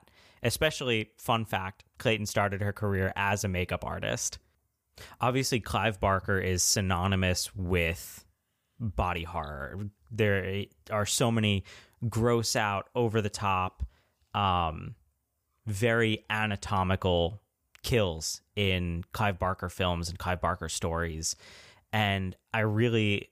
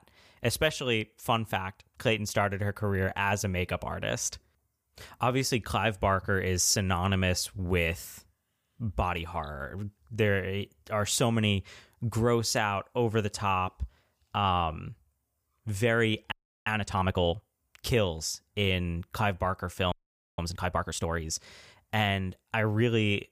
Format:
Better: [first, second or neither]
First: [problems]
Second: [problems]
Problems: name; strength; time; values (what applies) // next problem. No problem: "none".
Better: first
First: none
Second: audio freezing; at 16 s and at 20 s